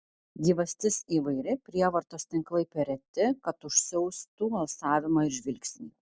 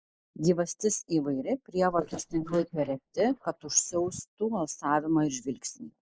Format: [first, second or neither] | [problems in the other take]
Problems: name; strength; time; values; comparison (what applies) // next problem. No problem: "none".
first | noise reduction (neural mask model Resemble Enhance denoiser)